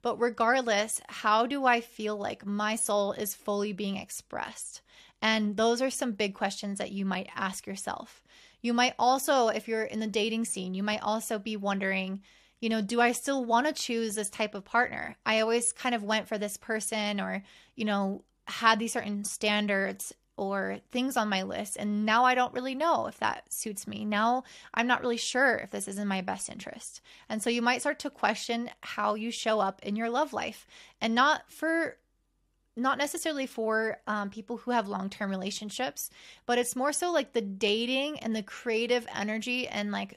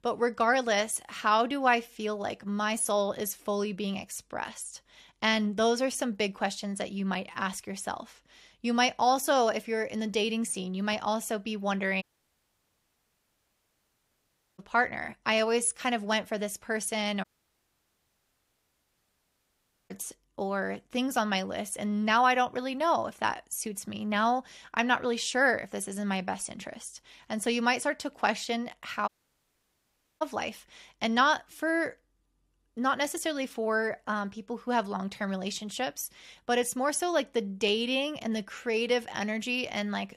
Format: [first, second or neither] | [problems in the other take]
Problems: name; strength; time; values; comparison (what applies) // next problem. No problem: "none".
first | audio cutting out; at 12 s for 2.5 s, at 17 s for 2.5 s and at 29 s for 1 s